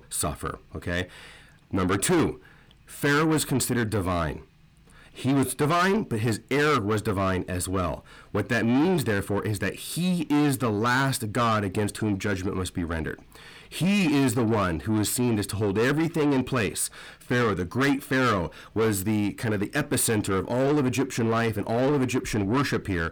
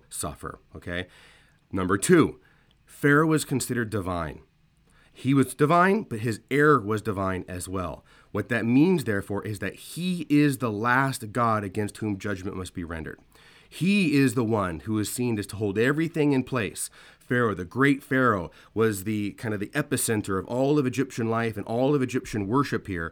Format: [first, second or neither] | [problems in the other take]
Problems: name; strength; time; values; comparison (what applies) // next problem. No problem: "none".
second | distortion; heavy; 7 dB below the speech